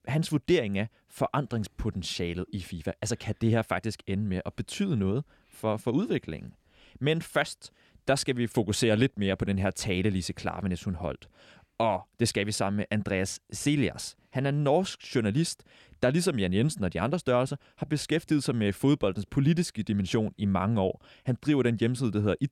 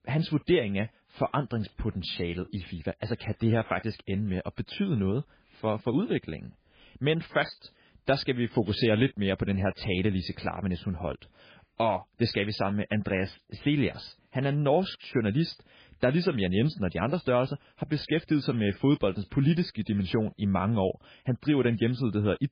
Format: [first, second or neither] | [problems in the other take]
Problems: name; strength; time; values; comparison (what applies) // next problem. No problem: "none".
first | garbled, watery; badly; nothing above 5 kHz